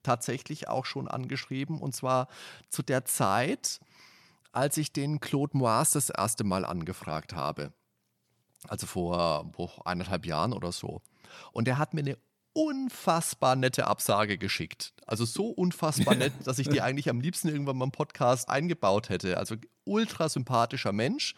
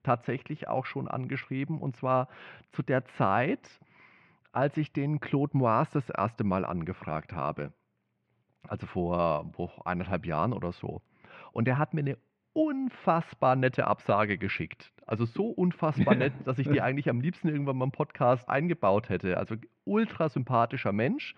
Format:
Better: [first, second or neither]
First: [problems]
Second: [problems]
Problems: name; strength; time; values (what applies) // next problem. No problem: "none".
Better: first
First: none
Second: muffled; very; fading above 2.5 kHz